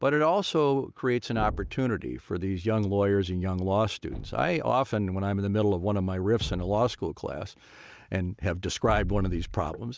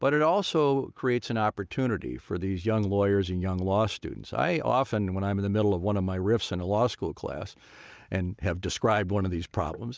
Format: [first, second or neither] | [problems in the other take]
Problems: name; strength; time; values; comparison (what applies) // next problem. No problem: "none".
second | background sound (Thump, thud); 14 dB below the speech